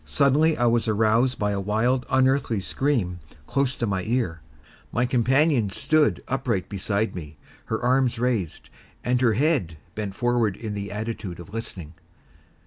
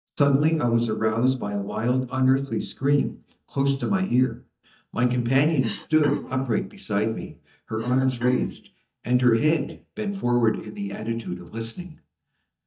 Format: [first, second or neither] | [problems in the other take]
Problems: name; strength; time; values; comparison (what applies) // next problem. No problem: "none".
first | noise reduction (neural mask model DeepFilterNet 3)